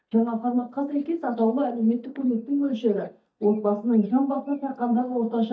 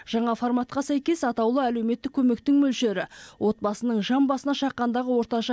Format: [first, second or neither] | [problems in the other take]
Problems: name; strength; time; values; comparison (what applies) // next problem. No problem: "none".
second | noise reduction (neural mask model DeepFilterNet 3)